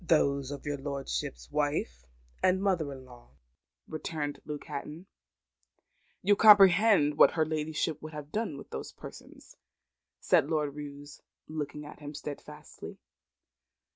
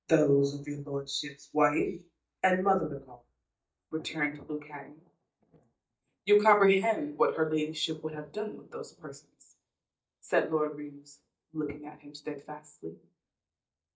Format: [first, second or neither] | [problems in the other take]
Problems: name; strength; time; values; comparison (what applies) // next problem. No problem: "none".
first | noise reduction (neural mask model DeepFilterNet 3)